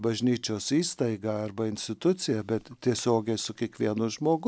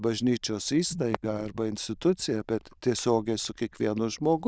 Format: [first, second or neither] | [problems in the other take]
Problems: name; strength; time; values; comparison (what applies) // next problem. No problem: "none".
first | noise reduction (neural diffusion model UNIVERSE++)